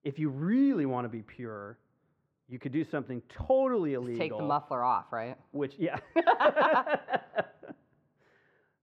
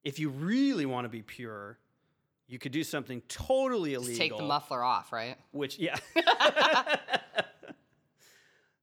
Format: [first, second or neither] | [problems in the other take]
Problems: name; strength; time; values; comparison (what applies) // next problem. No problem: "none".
second | muffled; very; fading above 3.5 kHz